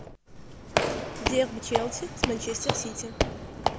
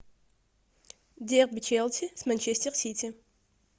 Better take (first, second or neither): second